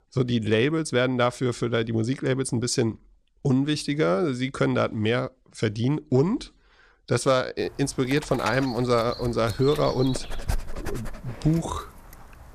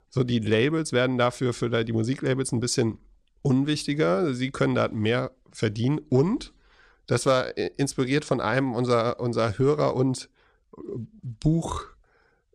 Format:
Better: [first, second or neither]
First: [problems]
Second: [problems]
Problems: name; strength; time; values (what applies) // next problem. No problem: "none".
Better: second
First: dog barking; noticeable; from 8 to 12 s; peak 8 dB below the speech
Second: none